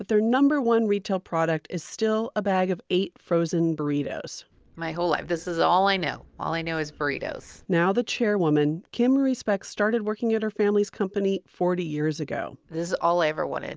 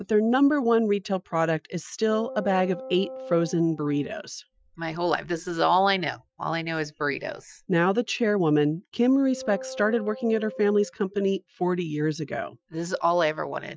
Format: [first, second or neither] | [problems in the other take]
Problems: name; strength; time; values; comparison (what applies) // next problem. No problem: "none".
first | noise reduction (classical method Wiener filter)